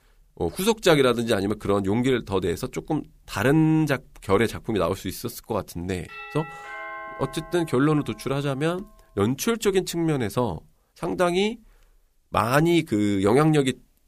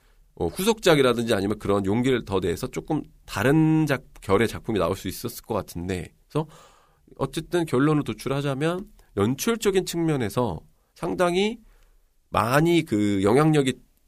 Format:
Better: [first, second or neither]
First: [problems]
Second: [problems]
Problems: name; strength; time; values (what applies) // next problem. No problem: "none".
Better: second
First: doorbell; faint; from 6 to 8.5 s; peak 10 dB below the speech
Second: none